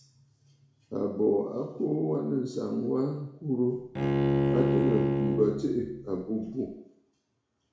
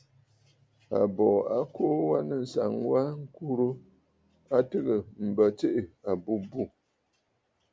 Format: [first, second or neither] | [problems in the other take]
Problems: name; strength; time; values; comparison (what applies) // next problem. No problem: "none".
second | background sound (Bowed string instrument); 2 dB above the speech // room echo; dies away in 0.6 s